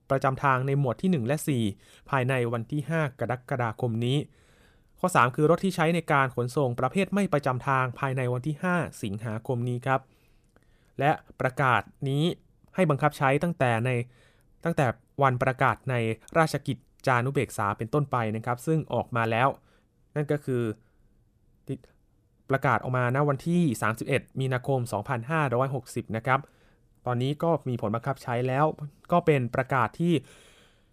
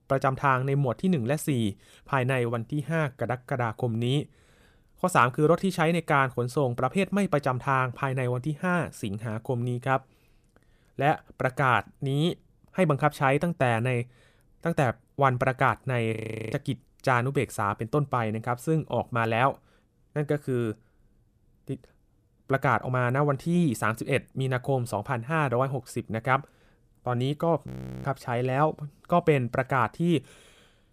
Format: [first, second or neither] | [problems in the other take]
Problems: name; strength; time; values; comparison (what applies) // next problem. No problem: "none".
first | audio freezing; at 16 s and at 28 s